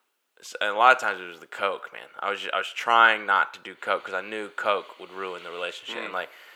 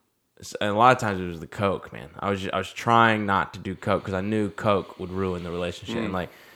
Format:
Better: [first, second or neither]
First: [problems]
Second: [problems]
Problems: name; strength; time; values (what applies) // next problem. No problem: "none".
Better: second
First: thin; very; fading below 600 Hz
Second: none